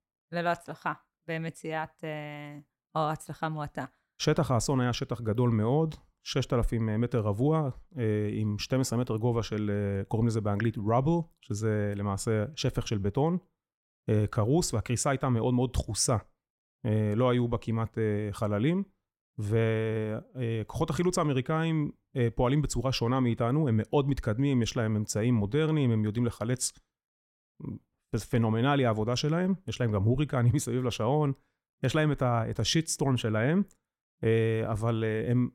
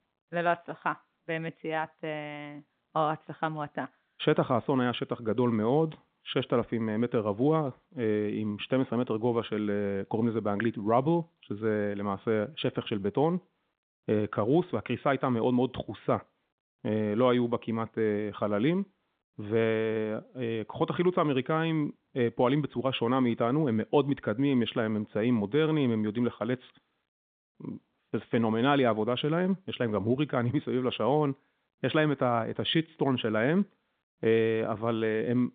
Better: first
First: none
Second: phone-call audio

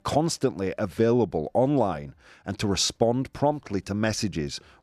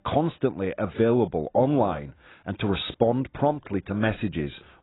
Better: first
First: none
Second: garbled, watery; badly; nothing above 4 kHz

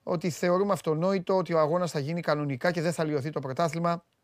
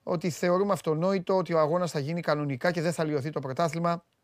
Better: neither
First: none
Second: none

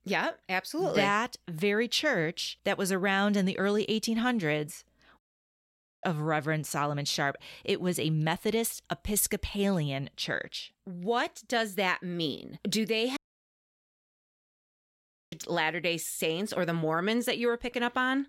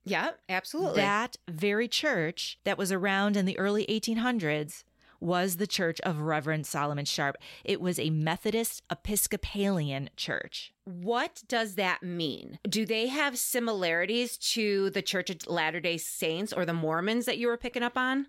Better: second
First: audio cutting out; at 5 s for 1 s and at 13 s for 2 s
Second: none

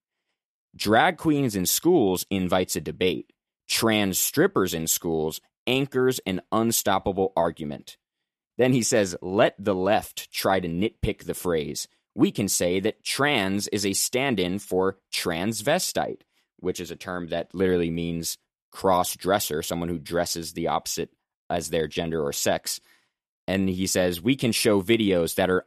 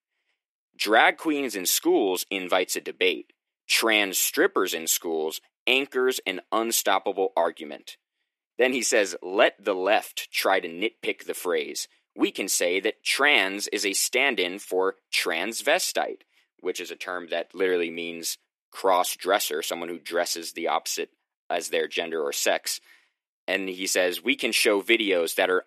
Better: first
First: none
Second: thin; somewhat; fading below 300 Hz

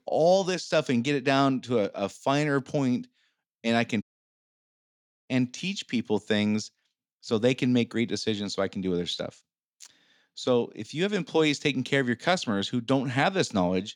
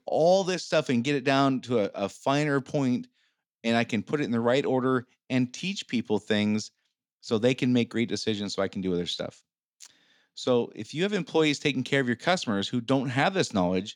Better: second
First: audio cutting out; at 4 s for 1 s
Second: none

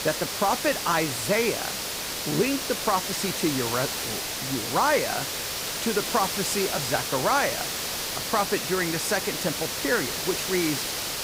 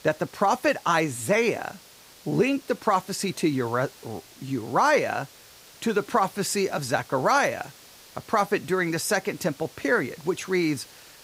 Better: second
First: hiss; loud; throughout; 1 dB below the speech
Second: hiss; faint; throughout; 20 dB below the speech

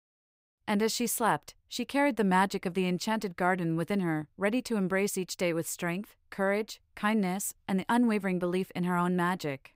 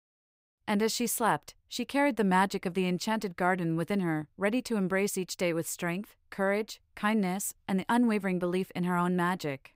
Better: neither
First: none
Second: none

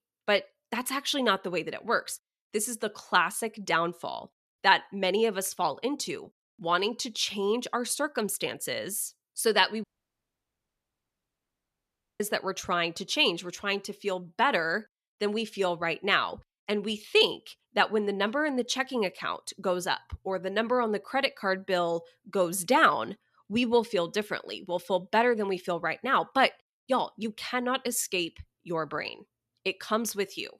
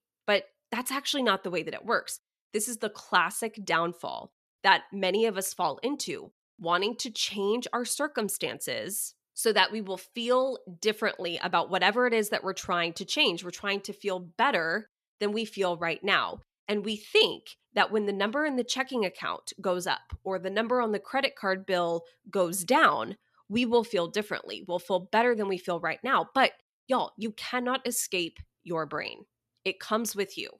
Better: second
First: audio cutting out; at 10 s for 2.5 s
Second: none

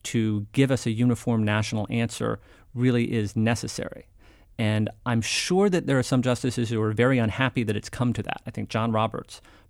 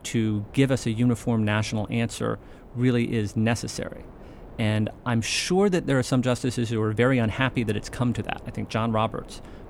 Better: first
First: none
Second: wind noise on the microphone; occasional gusts; 20 dB below the speech

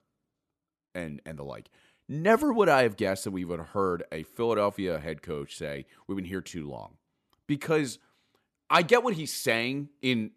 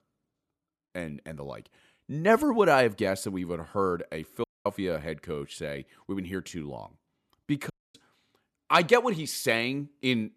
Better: first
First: none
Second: audio cutting out; at 4.5 s and at 7.5 s

